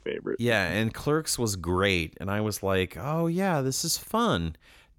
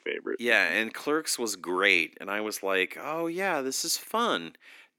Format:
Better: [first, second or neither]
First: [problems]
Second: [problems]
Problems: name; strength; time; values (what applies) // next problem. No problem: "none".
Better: first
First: none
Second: thin; somewhat; fading below 300 Hz